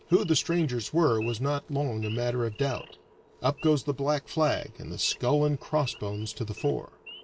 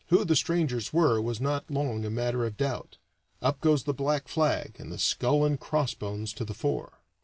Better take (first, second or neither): second